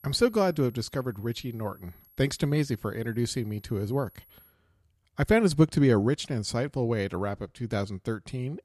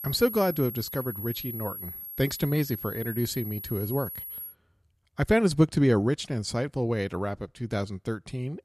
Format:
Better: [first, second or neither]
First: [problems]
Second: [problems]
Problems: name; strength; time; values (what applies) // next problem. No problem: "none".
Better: first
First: high-pitched whine; faint; until 4.5 s; 11.5 kHz, 25 dB below the speech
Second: high-pitched whine; loud; until 4.5 s; 11.5 kHz, 8 dB below the speech